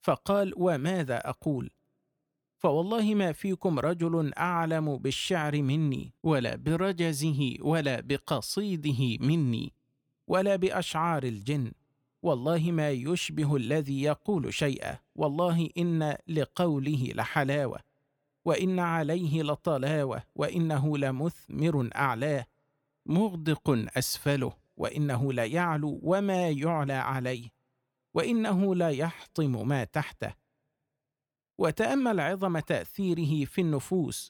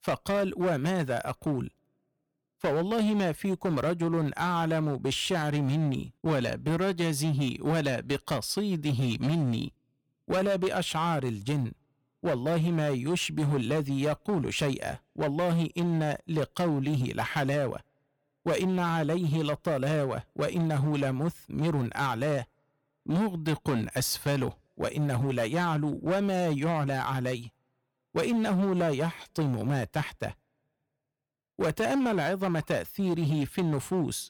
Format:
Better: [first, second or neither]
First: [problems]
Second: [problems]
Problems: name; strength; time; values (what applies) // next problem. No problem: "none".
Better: first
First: none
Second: distortion; slight; 14% of the sound clipped